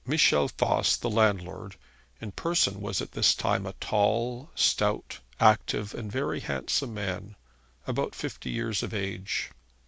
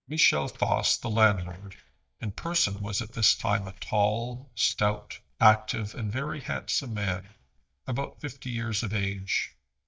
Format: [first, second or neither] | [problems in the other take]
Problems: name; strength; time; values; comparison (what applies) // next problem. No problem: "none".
first | noise reduction (neural mask model DeepFilterNet 3)